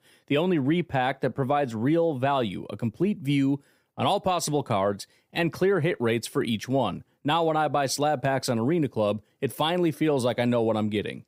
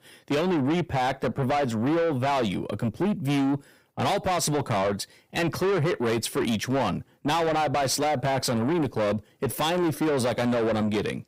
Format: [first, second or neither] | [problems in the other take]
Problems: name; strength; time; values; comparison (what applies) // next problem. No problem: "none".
first | distortion; heavy; 8 dB below the speech